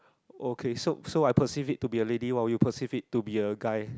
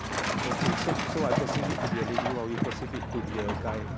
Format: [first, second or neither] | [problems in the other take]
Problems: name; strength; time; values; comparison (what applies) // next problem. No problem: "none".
first | background sound (Truck); 3 dB above the speech